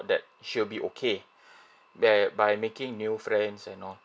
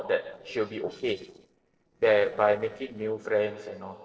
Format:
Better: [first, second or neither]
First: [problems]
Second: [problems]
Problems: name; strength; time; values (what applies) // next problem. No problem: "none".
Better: first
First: none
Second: noise reduction (neural separator model SepFormer DNS4)